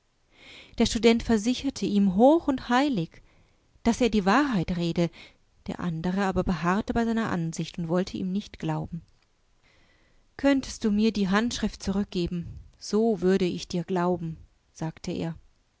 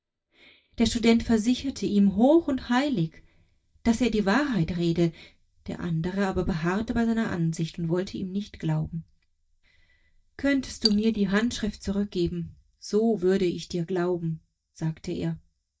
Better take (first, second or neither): first